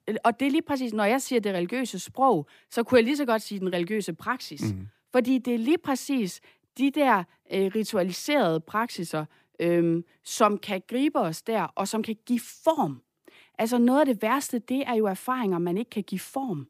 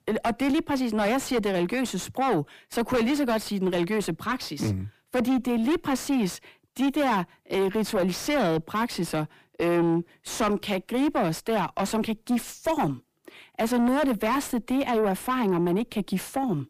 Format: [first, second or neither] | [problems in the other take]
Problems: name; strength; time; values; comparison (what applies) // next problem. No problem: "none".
first | distortion; heavy; 6 dB below the speech